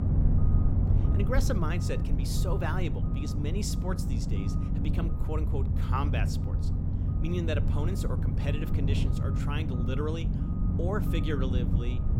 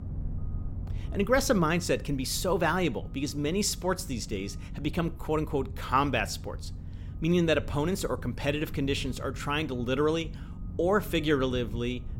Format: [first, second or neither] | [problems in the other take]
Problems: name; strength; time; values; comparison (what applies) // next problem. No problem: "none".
second | low rumble; loud; throughout; 4 dB below the speech; faint in the second